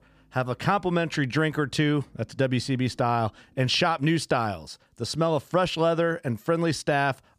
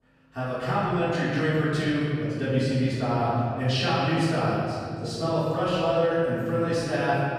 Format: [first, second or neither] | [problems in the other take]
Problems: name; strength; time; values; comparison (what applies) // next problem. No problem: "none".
first | off-mic speech; far // room echo; strong; dies away in 2.4 s